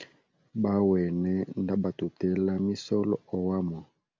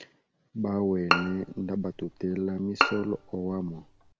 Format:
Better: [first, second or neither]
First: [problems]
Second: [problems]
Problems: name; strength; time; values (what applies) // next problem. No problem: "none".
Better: first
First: none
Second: background sound (Bowed string instrument); 1 dB below the speech